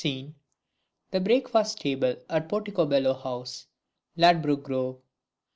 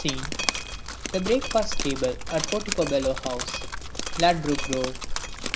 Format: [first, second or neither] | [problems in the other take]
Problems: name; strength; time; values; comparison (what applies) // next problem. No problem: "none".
first | background sound (Drip); 2 dB below the speech